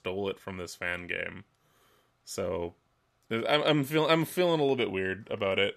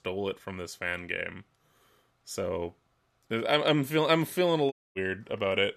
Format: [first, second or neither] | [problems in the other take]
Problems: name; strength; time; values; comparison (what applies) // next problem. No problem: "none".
first | audio cutting out; at 4.5 s